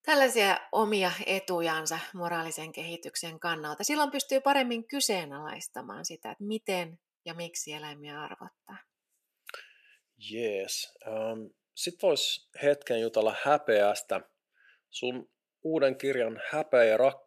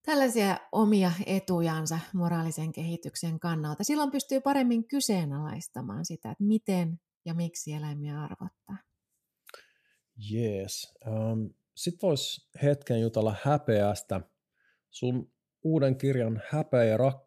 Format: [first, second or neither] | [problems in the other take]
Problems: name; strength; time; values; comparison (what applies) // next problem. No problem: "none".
second | thin; somewhat; fading below 450 Hz